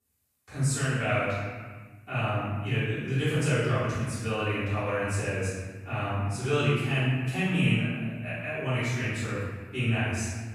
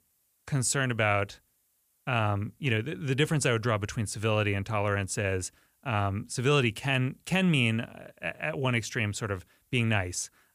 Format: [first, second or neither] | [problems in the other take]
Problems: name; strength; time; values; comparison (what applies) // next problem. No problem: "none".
second | off-mic speech; far // room echo; strong; dies away in 1.5 s